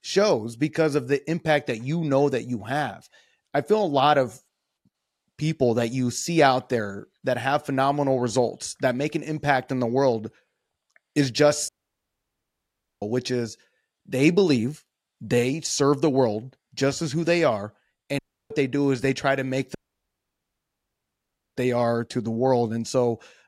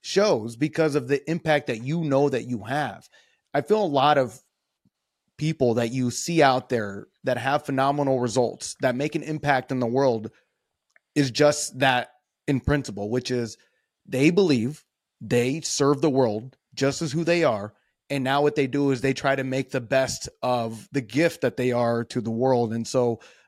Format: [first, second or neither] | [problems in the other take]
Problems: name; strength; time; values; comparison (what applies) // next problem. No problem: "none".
second | audio cutting out; at 12 s for 1.5 s, at 18 s and at 20 s for 2 s